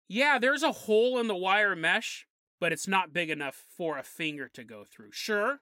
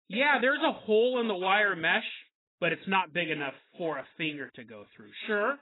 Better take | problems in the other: first | garbled, watery; badly; nothing above 4 kHz

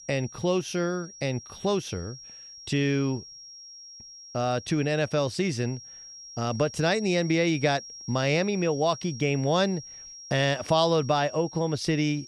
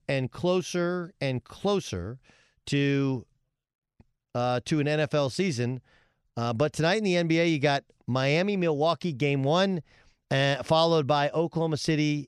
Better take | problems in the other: second | high-pitched whine; noticeable; throughout; 5.5 kHz, 15 dB below the speech

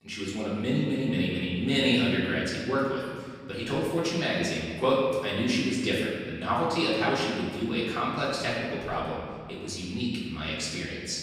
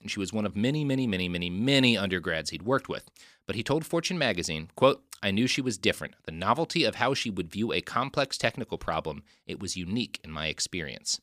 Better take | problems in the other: second | off-mic speech; far // room echo; noticeable; dies away in 1.8 s

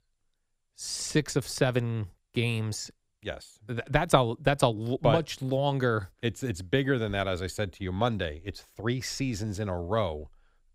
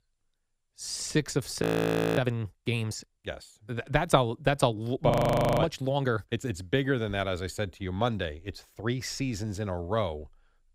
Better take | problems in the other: first | audio freezing; at 1.5 s for 0.5 s and at 5 s for 0.5 s

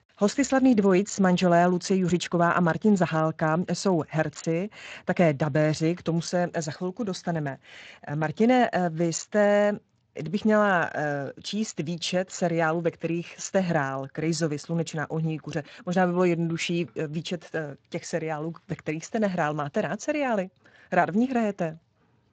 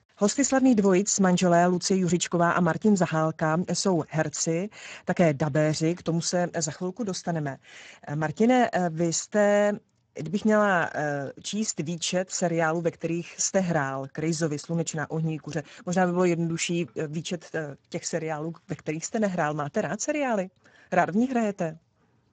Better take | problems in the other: first | garbled, watery; badly; nothing above 7.5 kHz; slightly in the first

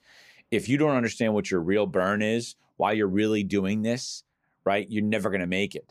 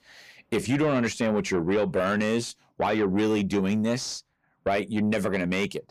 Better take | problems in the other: first | distortion; slight; 10 dB below the speech

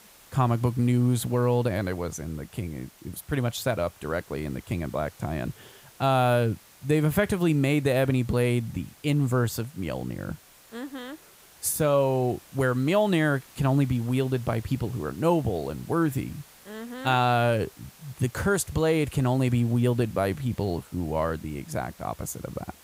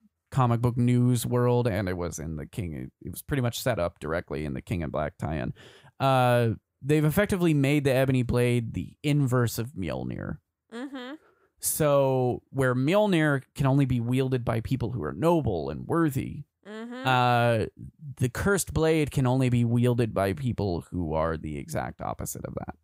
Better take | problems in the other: second | hiss; faint; throughout; 25 dB below the speech

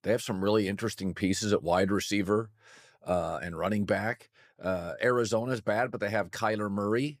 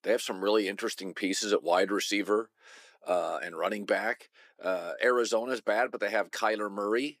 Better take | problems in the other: first | thin; somewhat; fading below 300 Hz

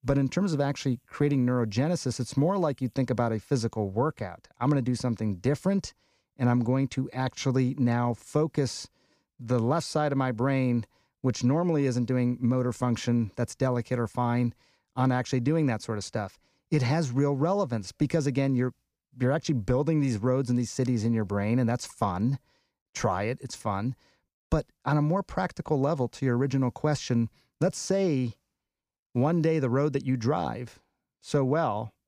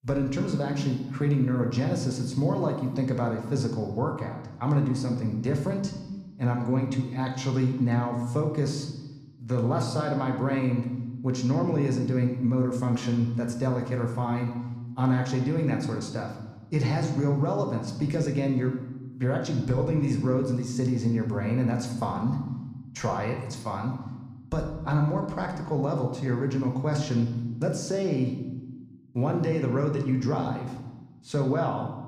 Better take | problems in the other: first | room echo; slight; dies away in 1 s

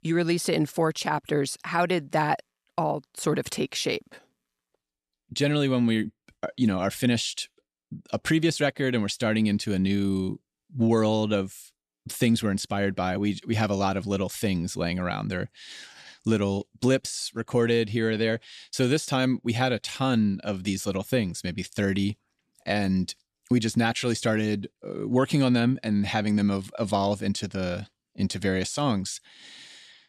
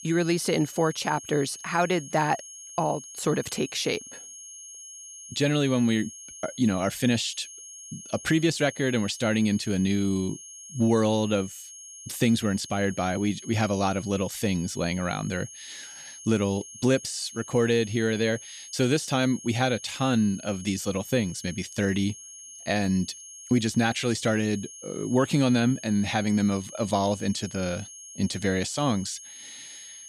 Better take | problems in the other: first | high-pitched whine; noticeable; throughout; 6.5 kHz, 15 dB below the speech

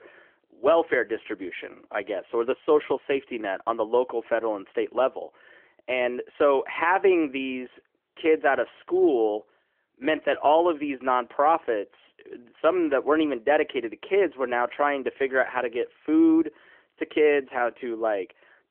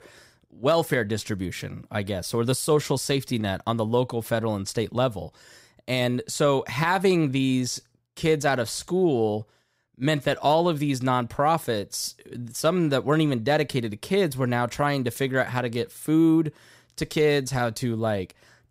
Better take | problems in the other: second | phone-call audio; nothing above 3 kHz

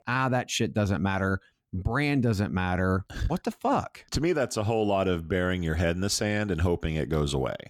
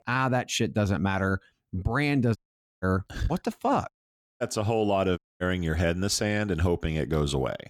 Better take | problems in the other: first | audio cutting out; at 2.5 s, at 4 s for 0.5 s and at 5 s

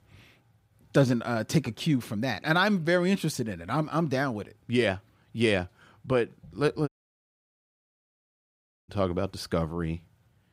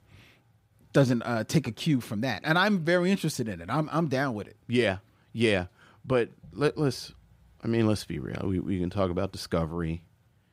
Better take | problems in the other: second | audio cutting out; at 7 s for 2 s

